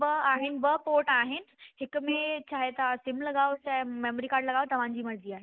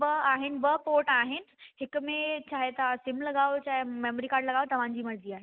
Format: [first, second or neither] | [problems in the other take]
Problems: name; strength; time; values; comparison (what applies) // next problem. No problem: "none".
second | noise reduction (neural mask model Resemble Enhance denoiser)